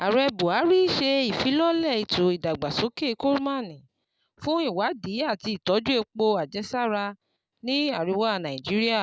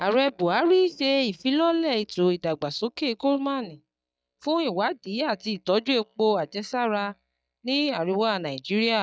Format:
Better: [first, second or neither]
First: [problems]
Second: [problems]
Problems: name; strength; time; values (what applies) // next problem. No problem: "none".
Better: first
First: none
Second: noise reduction (neural mask model DeepFilterNet 3)